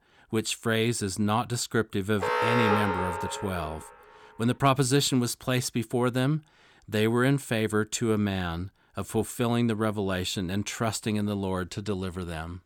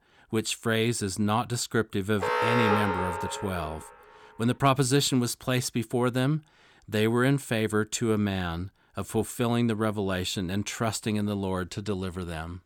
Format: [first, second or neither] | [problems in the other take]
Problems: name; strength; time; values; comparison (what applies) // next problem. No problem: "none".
neither | alarm; loud; from 2 to 3.5 s; peak 4 dB above the speech; the same in both